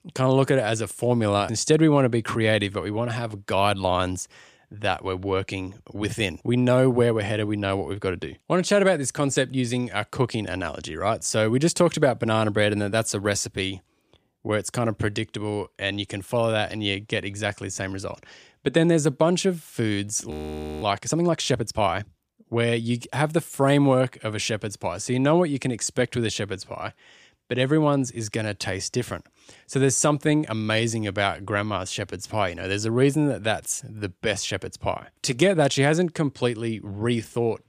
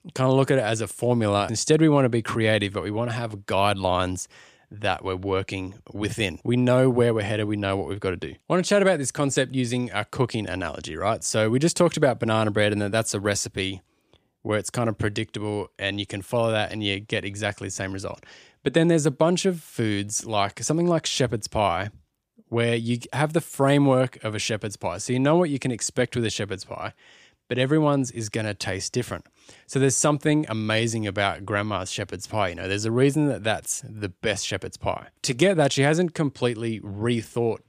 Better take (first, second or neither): second